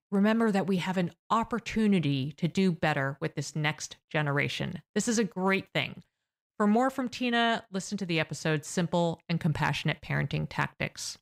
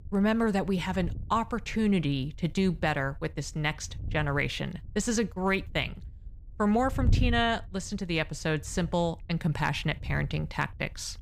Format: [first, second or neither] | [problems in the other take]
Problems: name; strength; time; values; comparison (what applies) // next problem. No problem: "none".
first | wind noise on the microphone; occasional gusts; 20 dB below the speech